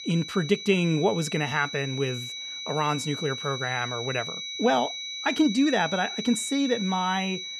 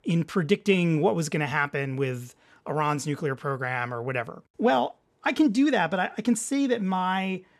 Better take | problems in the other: second | high-pitched whine; loud; throughout; 4 kHz, 7 dB below the speech

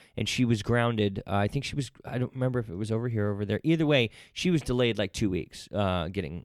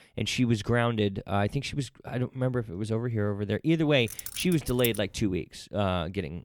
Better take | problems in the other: first | jangling keys; noticeable; at 4 s; peak 7 dB below the speech

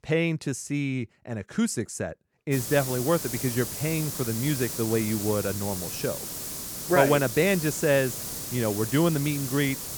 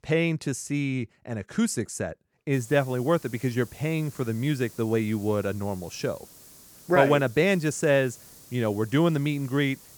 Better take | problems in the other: second | hiss; loud; from 2.5 s on; 5 dB below the speech; faint in the second

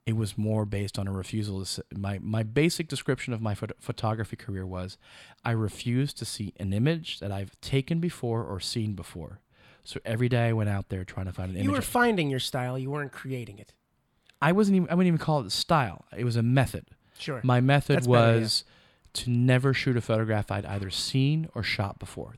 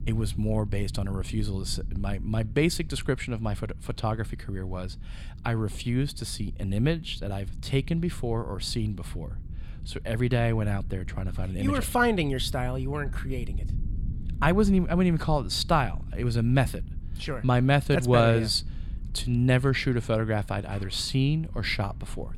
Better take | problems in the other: first | low rumble; faint; throughout; 25 dB below the speech

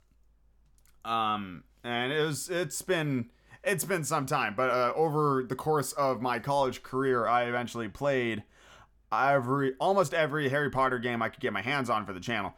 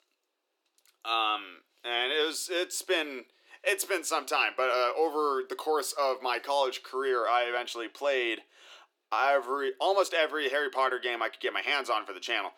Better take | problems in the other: first | thin; very; fading below 300 Hz

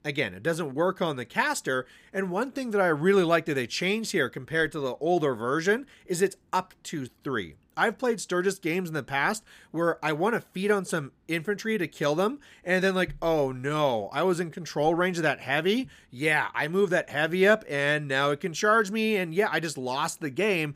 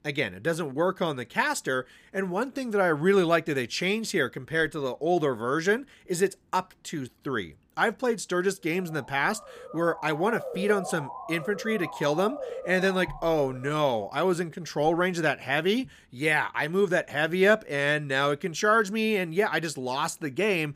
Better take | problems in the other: first | siren; noticeable; from 9 to 14 s; peak 8 dB below the speech

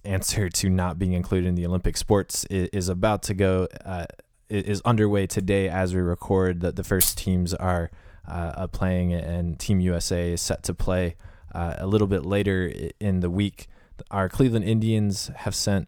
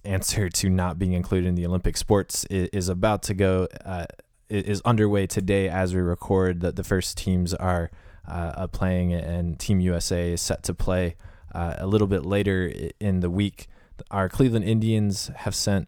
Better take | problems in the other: second | jangling keys; loud; at 7 s; peak 2 dB above the speech

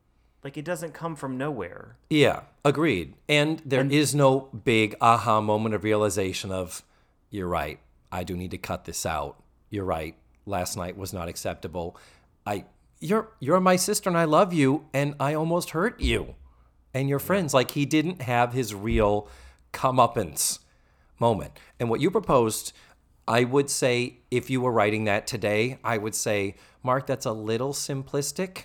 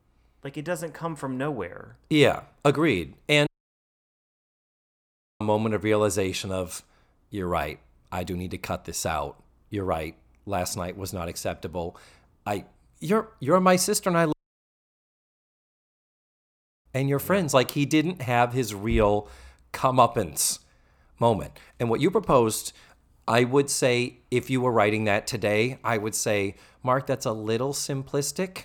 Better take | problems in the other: first | audio cutting out; at 3.5 s for 2 s and at 14 s for 2.5 s

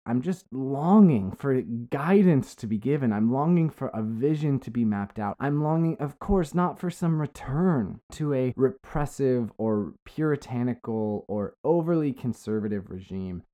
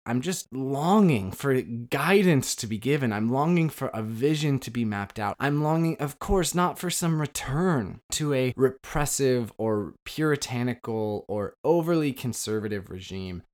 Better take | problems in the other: second | muffled; very; fading above 2 kHz

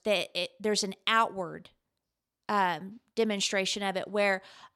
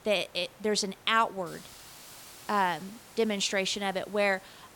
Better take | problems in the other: first | hiss; faint; throughout; 20 dB below the speech

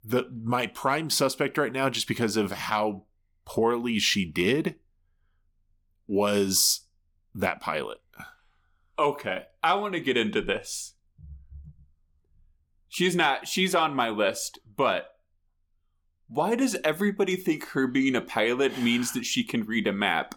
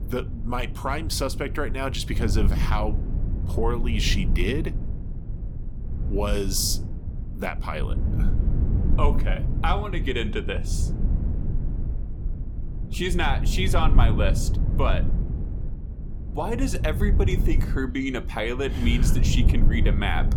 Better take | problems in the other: first | low rumble; noticeable; throughout; 10 dB below the speech

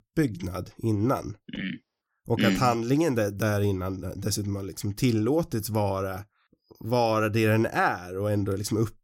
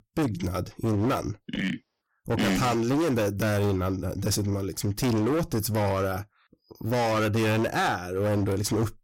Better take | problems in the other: first | distortion; heavy; 22% of the sound clipped

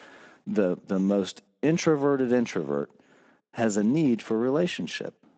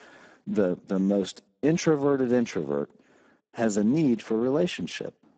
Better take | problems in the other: first | garbled, watery; badly; nothing above 7.5 kHz; slightly in the first

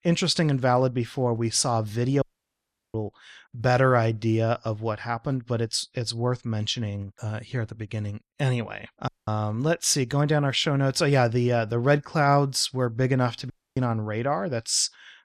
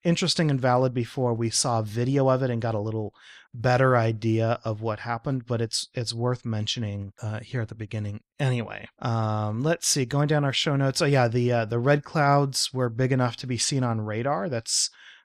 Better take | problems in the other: second | audio cutting out; at 2 s for 0.5 s, at 9 s and at 14 s

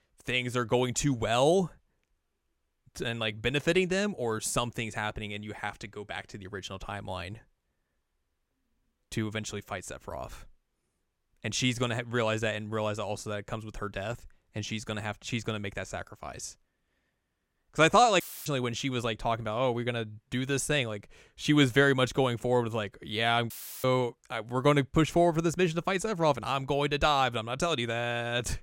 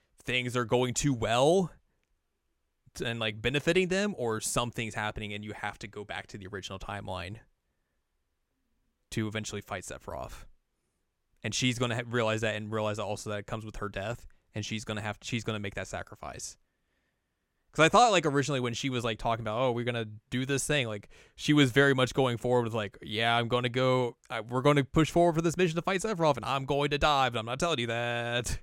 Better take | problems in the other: second | audio cutting out; filled with static; at 18 s and at 24 s

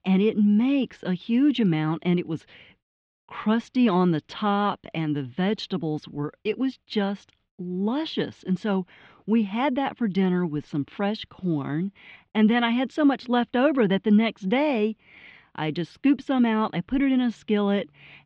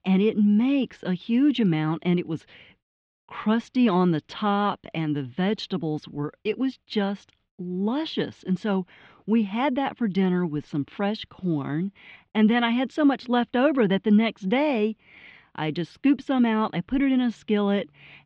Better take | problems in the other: neither | muffled; very; fading above 3 kHz; the same in both

